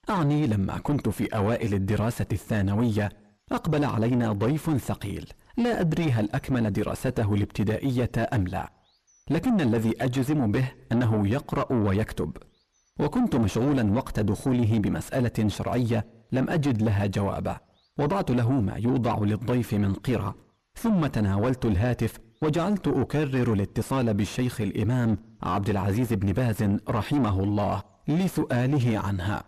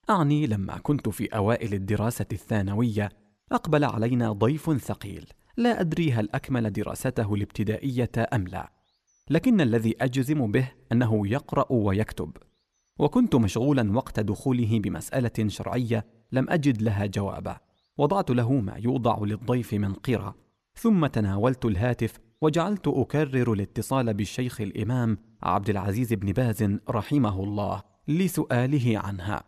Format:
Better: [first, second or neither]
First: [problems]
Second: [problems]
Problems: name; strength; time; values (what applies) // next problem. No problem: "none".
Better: second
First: distortion; heavy; 7 dB below the speech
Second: none